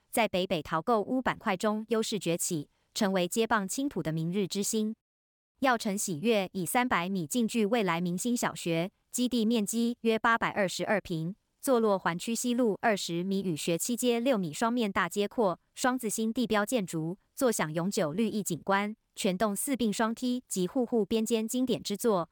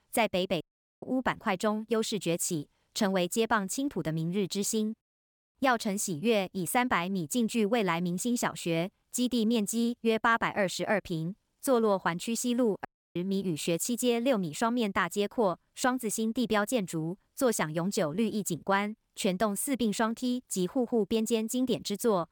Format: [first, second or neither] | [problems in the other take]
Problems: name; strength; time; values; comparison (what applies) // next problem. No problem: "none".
first | audio cutting out; at 0.5 s and at 13 s